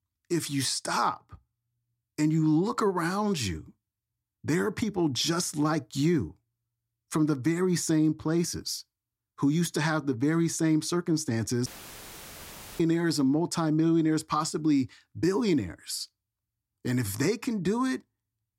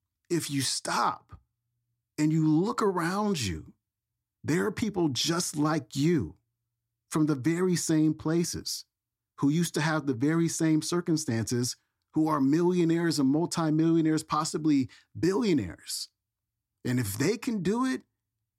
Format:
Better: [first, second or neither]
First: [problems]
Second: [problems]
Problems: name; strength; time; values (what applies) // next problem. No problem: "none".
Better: second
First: audio cutting out; filled with static; at 12 s for 1 s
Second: none